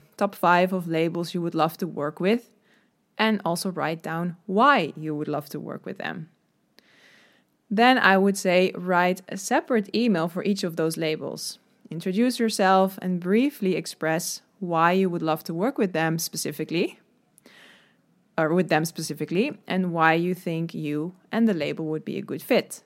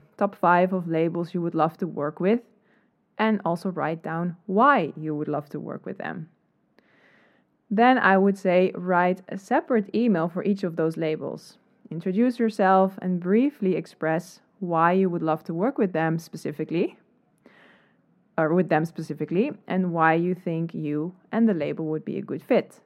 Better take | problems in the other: first | muffled; very; fading above 3 kHz

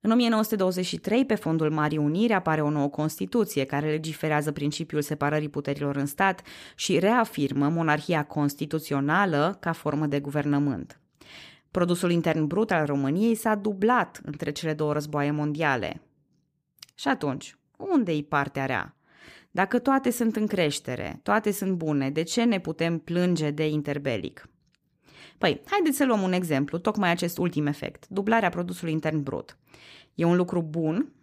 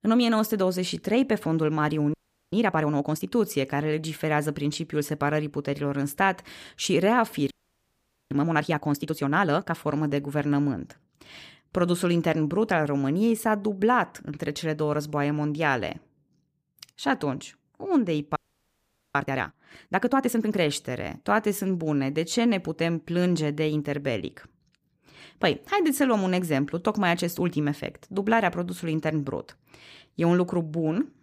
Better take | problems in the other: first | audio freezing; at 2 s, at 7.5 s for 1 s and at 18 s for 1 s

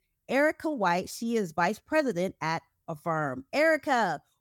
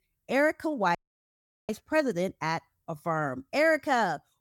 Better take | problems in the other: first | audio cutting out; at 1 s for 0.5 s

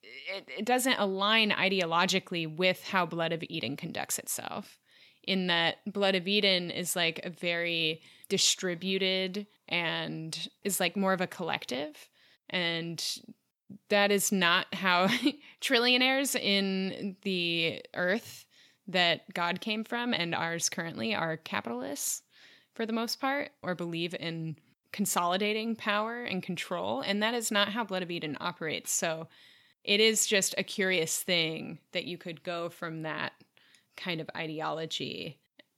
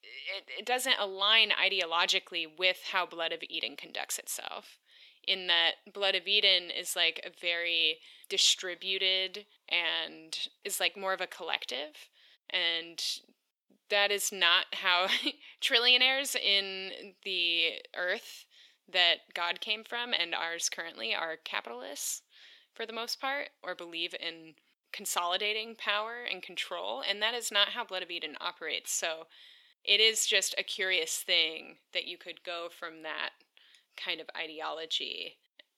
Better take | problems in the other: first | thin; very; fading below 400 Hz

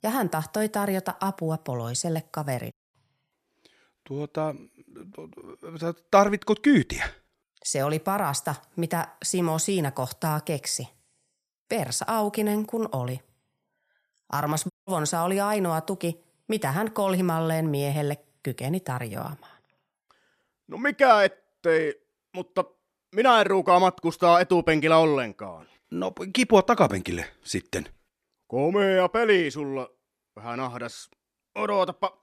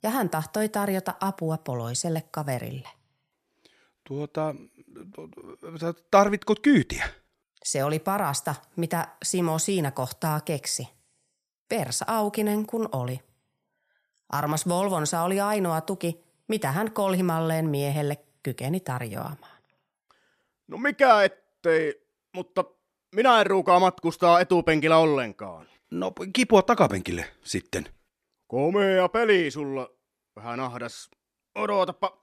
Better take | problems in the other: second | audio cutting out; at 2.5 s and at 15 s

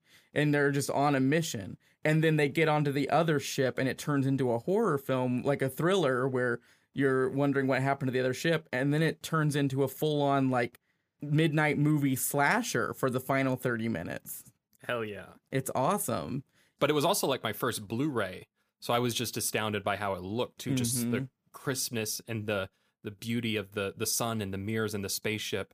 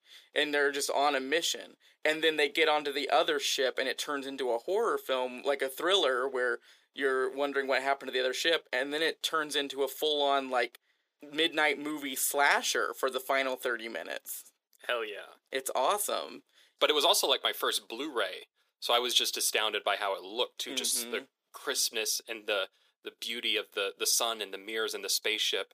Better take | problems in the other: first | thin; very; fading below 400 Hz

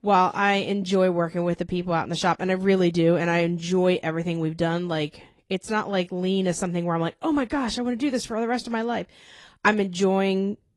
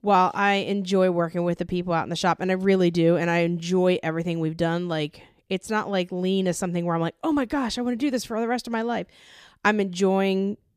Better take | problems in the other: second | garbled, watery; slightly

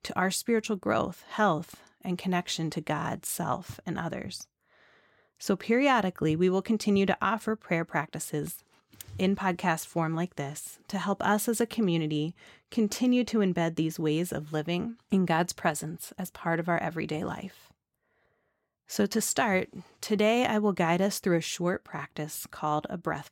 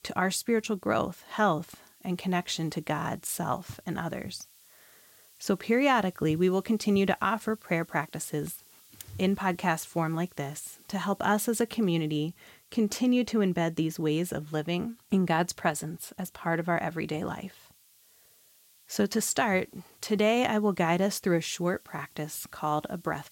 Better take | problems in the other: first | hiss; faint; throughout; 25 dB below the speech

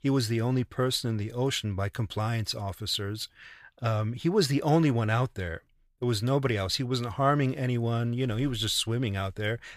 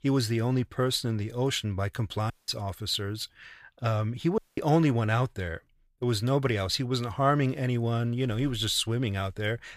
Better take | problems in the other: first | audio cutting out; at 2.5 s and at 4.5 s

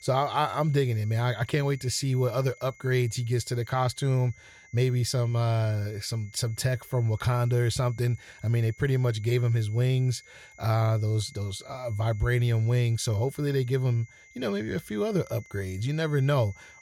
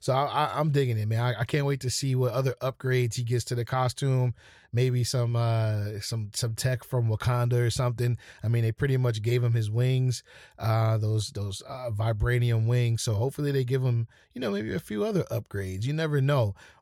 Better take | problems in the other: second | high-pitched whine; faint; throughout; 2 kHz, 25 dB below the speech

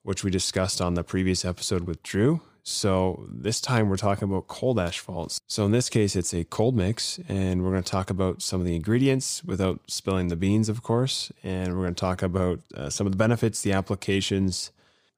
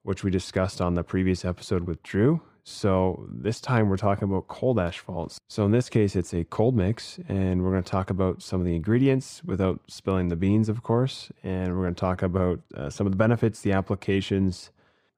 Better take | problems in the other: first | muffled; slightly; fading above 3.5 kHz

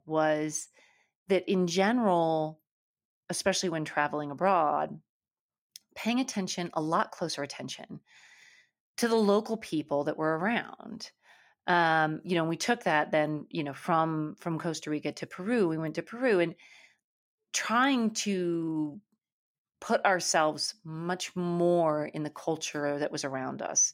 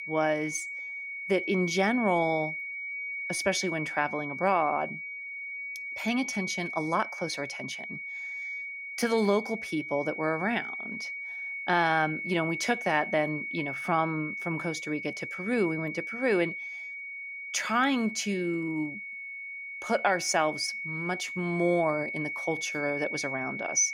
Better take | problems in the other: first | high-pitched whine; loud; throughout; 2 kHz, 5 dB below the speech

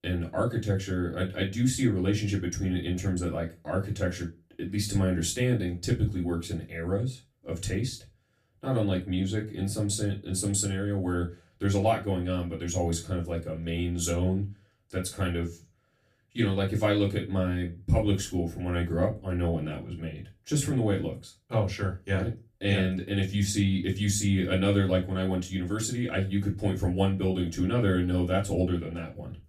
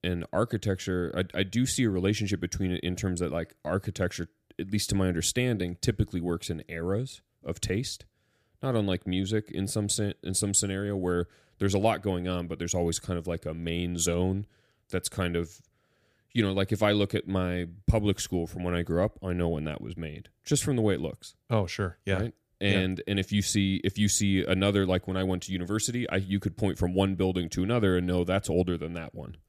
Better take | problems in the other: second | off-mic speech; far // room echo; very slight; dies away in 0.2 s

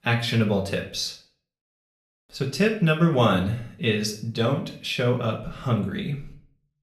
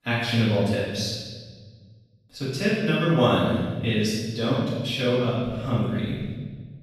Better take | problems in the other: first | room echo; strong; dies away in 1.4 s; slight in the first // off-mic speech; far; far in the first

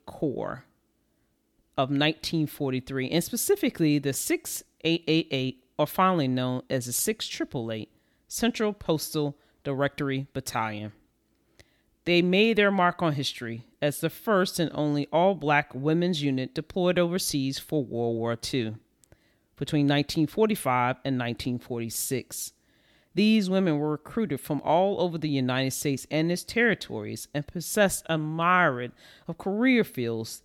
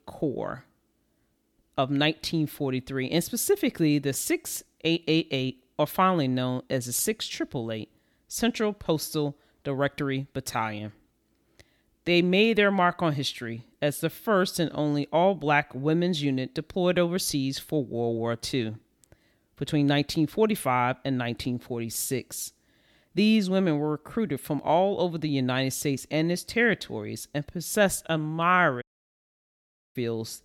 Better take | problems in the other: first | audio cutting out; at 29 s for 1 s

